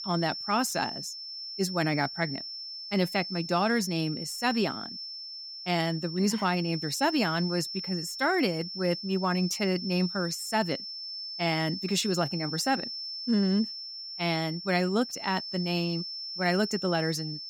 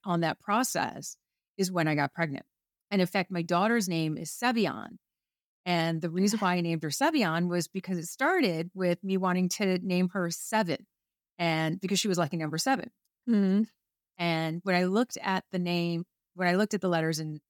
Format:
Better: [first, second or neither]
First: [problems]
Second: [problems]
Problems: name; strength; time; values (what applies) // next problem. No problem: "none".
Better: second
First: high-pitched whine; loud; throughout; 5.5 kHz, 7 dB below the speech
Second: none